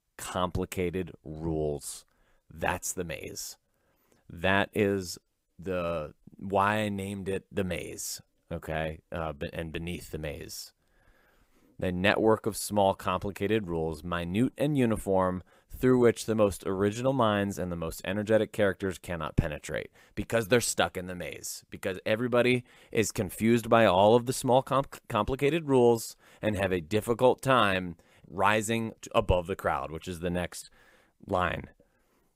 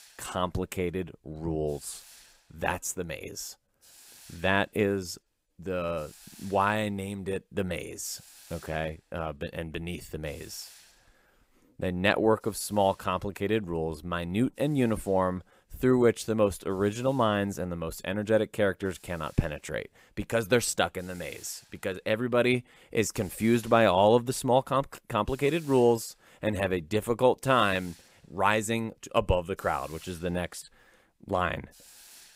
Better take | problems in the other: first | hiss; faint; throughout; 25 dB below the speech

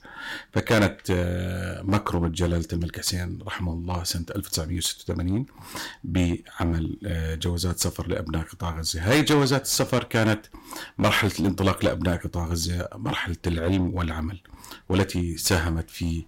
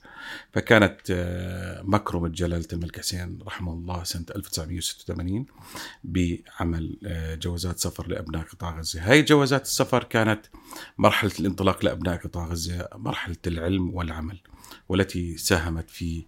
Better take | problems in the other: second | distortion; heavy; 5% of the sound clipped

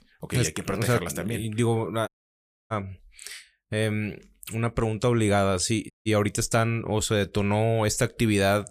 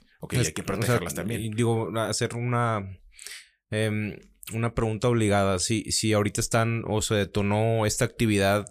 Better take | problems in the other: second | audio cutting out; at 2 s for 0.5 s and at 6 s

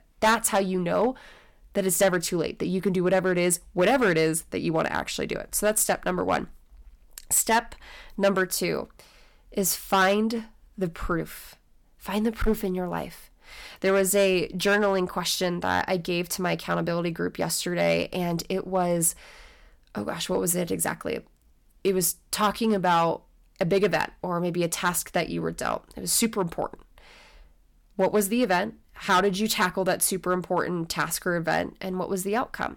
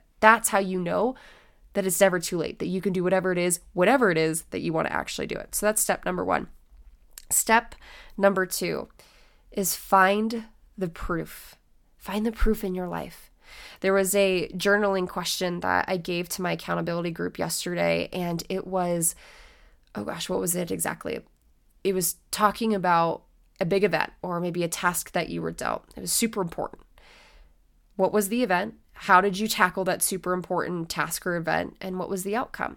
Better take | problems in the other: second | distortion; slight; 2% of the sound clipped

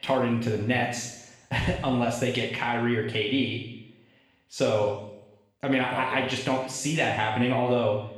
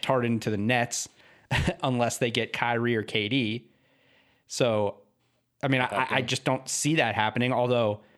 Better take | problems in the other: second | room echo; noticeable; dies away in 0.8 s // off-mic speech; far

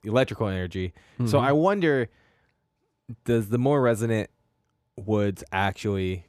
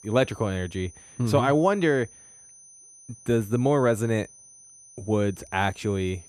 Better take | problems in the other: first | high-pitched whine; faint; throughout; 6 kHz, 20 dB below the speech

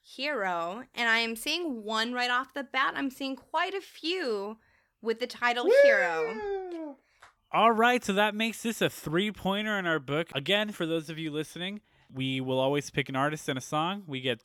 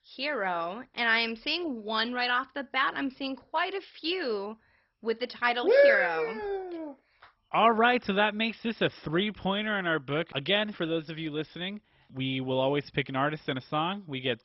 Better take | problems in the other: first | garbled, watery; badly; nothing above 5.5 kHz

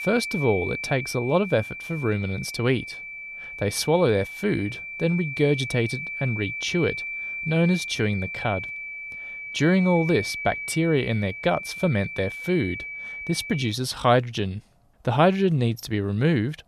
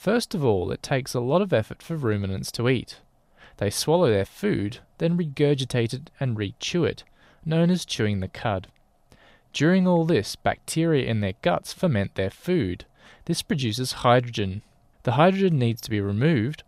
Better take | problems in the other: second | high-pitched whine; loud; until 14 s; 2.5 kHz, 7 dB below the speech

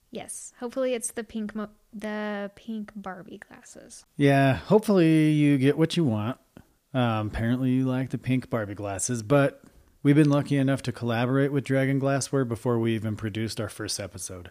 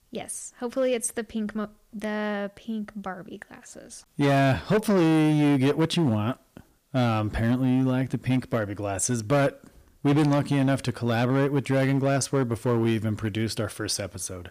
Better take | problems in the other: first | distortion; slight; 9% of the sound clipped

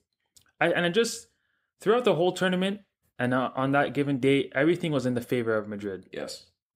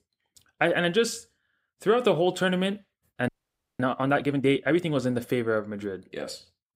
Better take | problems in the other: first | audio freezing; at 3.5 s for 0.5 s

